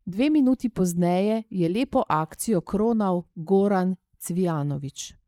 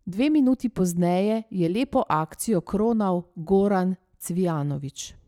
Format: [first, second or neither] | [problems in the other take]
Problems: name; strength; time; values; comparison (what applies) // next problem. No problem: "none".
second | noise reduction (neural mask model Resemble Enhance denoiser)